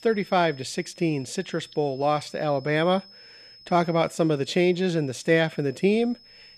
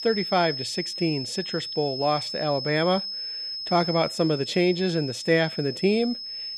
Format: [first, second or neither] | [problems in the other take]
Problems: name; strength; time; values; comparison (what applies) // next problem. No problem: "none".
first | high-pitched whine; loud; throughout; 5 kHz, 6 dB below the speech; faint in the first